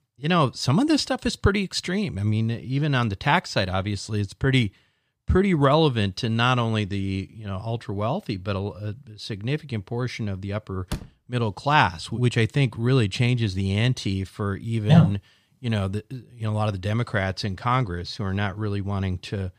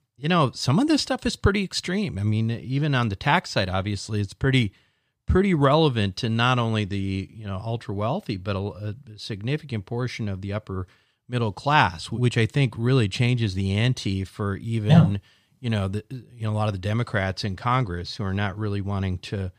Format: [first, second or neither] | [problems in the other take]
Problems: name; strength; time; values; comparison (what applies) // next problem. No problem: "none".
second | door banging; faint; at 11 s; peak 10 dB below the speech